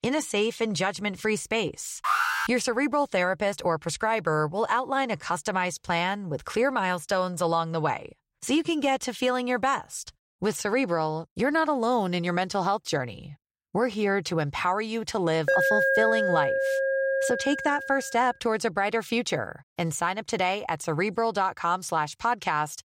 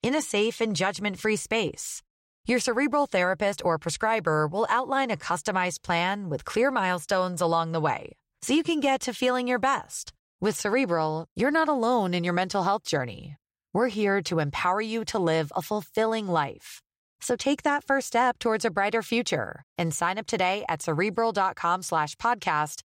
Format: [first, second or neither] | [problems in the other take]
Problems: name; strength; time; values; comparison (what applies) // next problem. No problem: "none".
second | alarm; loud; at 2 s and from 15 to 18 s; peak 5 dB above the speech